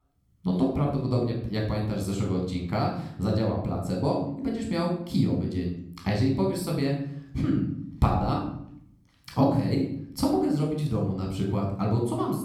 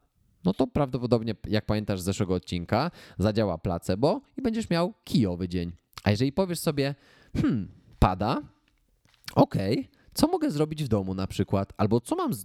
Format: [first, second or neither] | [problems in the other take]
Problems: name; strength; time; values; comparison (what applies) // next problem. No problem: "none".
second | off-mic speech; somewhat distant // room echo; noticeable; dies away in 0.7 s